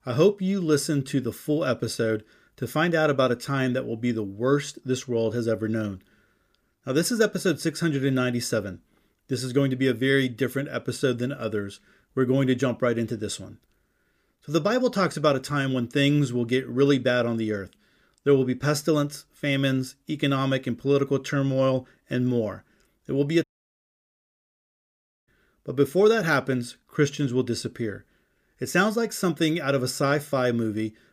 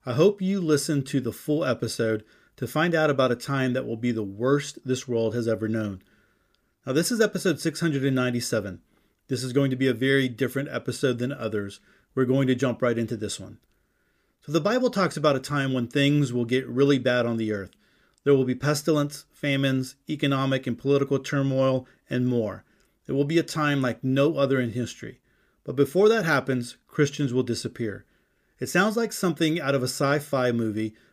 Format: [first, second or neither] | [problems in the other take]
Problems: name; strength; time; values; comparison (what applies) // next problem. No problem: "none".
second | audio cutting out; at 23 s for 2 s